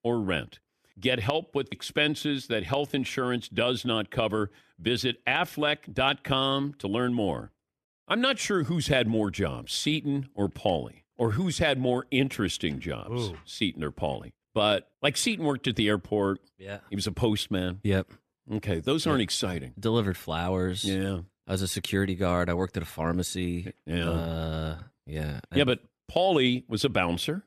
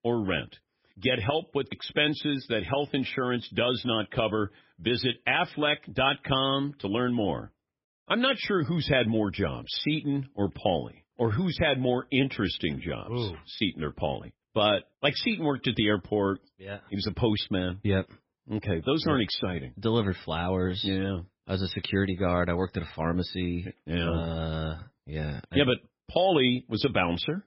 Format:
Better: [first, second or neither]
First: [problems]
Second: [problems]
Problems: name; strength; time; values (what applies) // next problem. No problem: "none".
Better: first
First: none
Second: garbled, watery; badly; nothing above 5.5 kHz